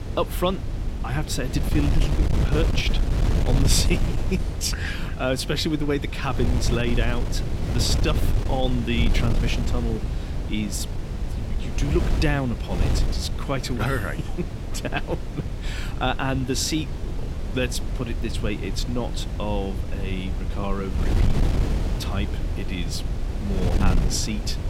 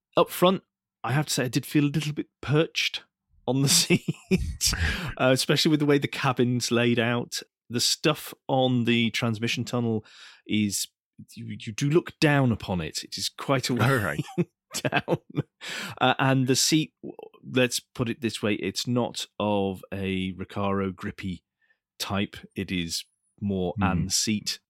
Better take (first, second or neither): second